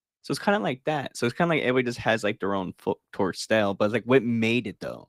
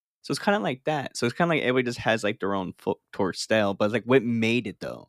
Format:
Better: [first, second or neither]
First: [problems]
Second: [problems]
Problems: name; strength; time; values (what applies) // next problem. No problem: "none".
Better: second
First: garbled, watery; slightly; nothing above 15.5 kHz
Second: none